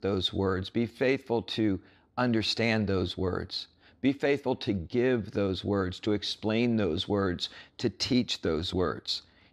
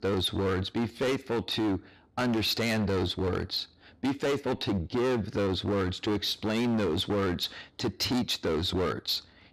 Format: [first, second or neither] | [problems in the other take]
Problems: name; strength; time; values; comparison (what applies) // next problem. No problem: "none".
first | distortion; heavy; 21% of the sound clipped